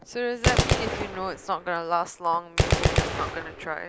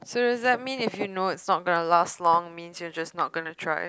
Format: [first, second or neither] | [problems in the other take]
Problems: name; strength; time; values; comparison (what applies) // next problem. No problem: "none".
second | background sound (Gunshot, gunfire); 3 dB above the speech